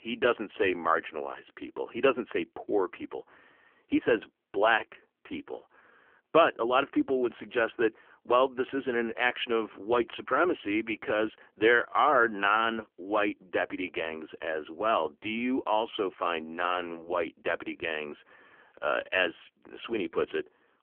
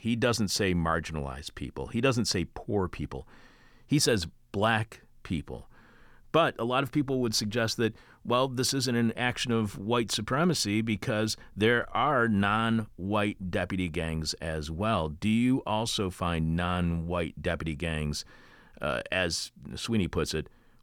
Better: second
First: phone-call audio; poor line; nothing above 3 kHz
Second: none

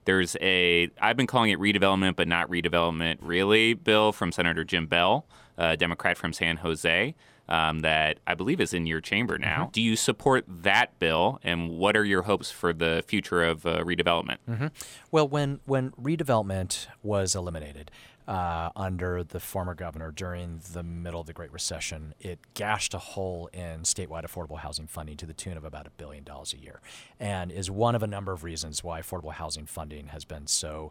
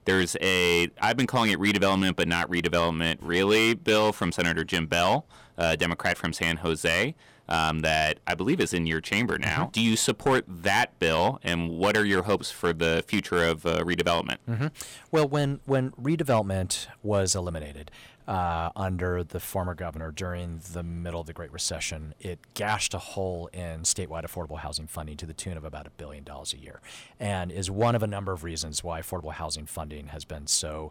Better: first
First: none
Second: distortion; slight; 3% of the sound clipped

